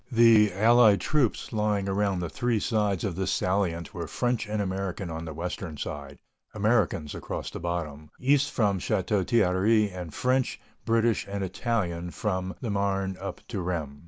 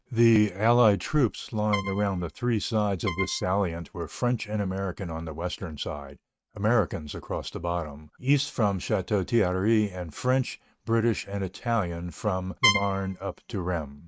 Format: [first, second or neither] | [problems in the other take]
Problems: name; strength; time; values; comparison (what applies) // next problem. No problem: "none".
first | noise reduction (neural mask model RNNoise)